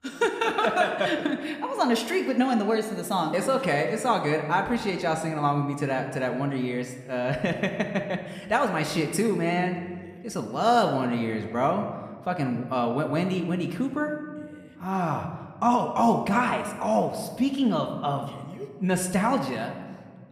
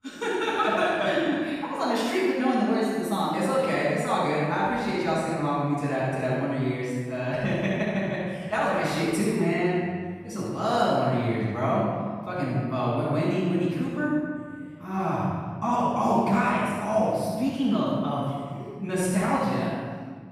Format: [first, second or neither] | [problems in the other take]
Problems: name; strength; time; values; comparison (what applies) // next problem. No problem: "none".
first | room echo; strong; dies away in 1.7 s; slight in the first // off-mic speech; far